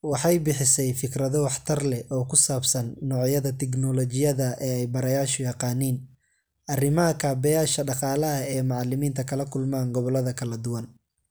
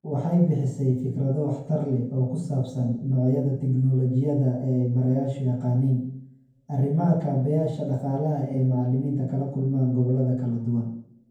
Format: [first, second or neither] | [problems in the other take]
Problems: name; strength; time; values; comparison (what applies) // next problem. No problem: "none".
first | room echo; dies away in 0.9 s